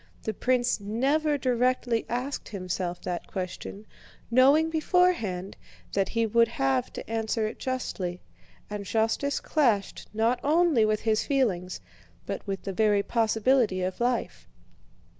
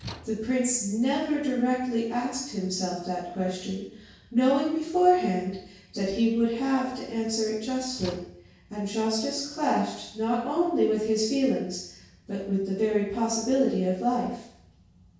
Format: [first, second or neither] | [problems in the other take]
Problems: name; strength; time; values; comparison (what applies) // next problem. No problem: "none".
first | background sound (Slam / Tools); 18 dB below the speech // room echo; dies away in 0.6 s